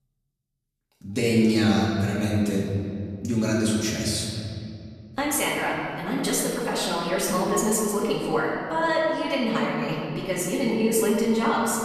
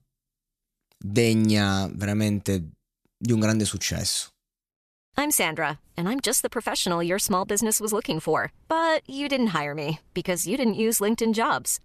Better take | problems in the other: second | room echo; noticeable; dies away in 2.4 s // off-mic speech; far

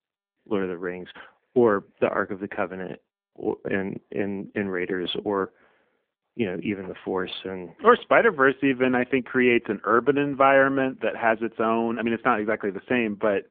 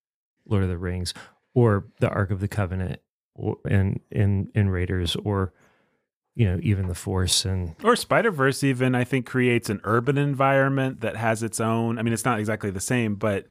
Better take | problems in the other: second | phone-call audio; nothing above 3.5 kHz

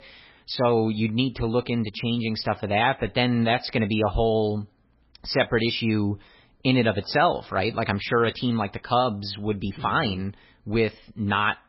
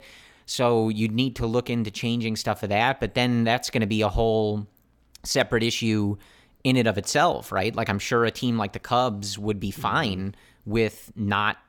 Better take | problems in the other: second | garbled, watery; badly; nothing above 5.5 kHz

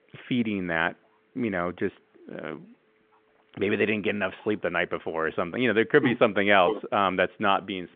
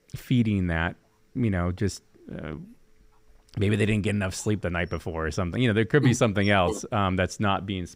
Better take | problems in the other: second | phone-call audio; nothing above 3.5 kHz

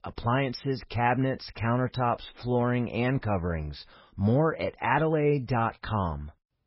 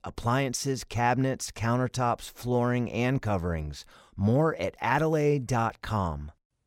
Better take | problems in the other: second | garbled, watery; badly; nothing above 5.5 kHz

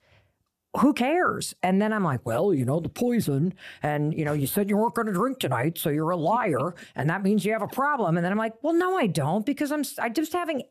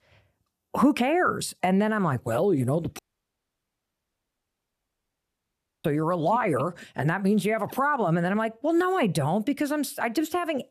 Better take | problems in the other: first | audio cutting out; at 3 s for 3 s

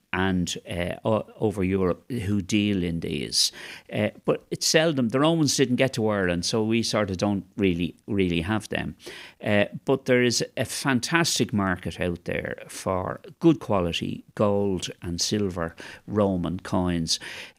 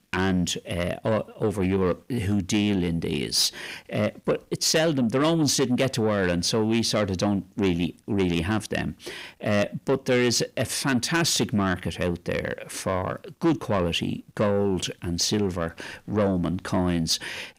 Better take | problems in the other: first | distortion; slight; 10 dB below the speech

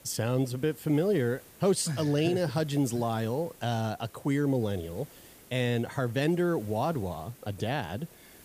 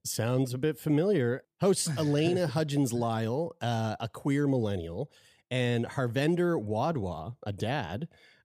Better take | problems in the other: second | hiss; faint; throughout; 25 dB below the speech

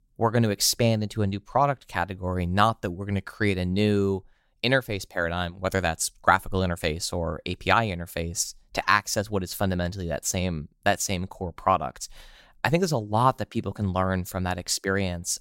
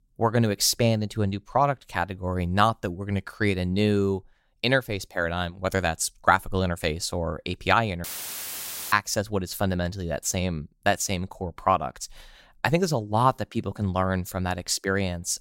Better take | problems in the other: first | audio cutting out; filled with static; at 8 s for 1 s

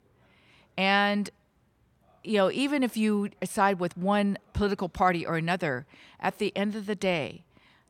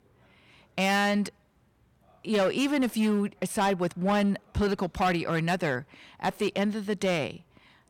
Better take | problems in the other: first | distortion; slight; 7% of the sound clipped

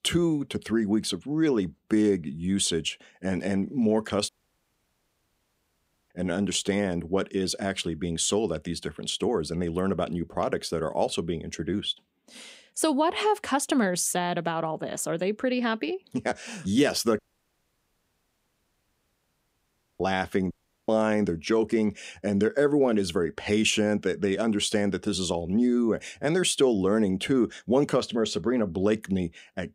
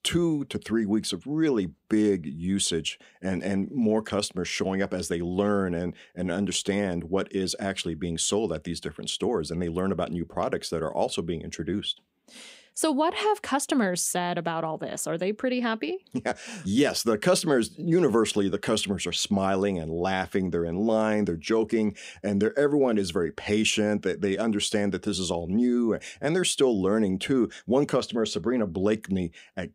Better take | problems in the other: second | audio cutting out; at 4.5 s for 2 s, at 17 s for 3 s and at 21 s

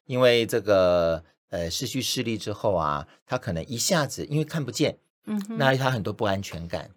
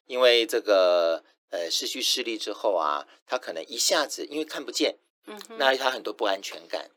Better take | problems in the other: first | thin; very; fading below 300 Hz

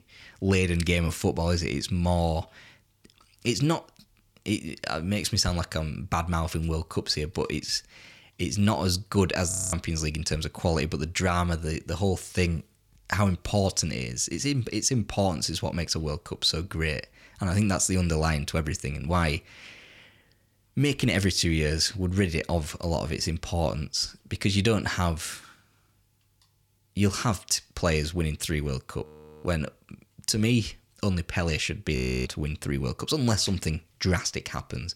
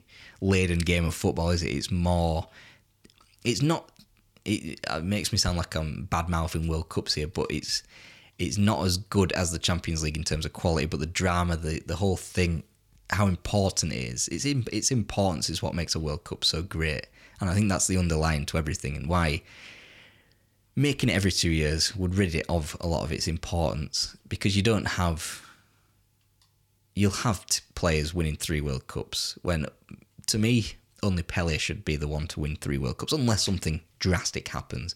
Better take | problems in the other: second | audio freezing; at 9.5 s, at 29 s and at 32 s

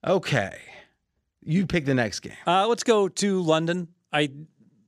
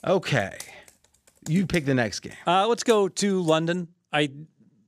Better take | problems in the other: first | household noises; faint; until 3.5 s; 20 dB below the speech

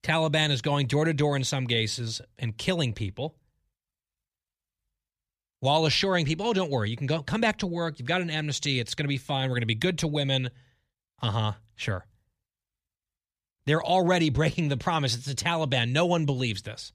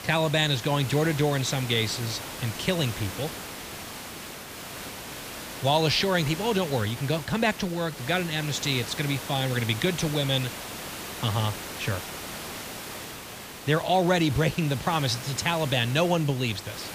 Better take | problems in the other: first | hiss; noticeable; throughout; 10 dB below the speech

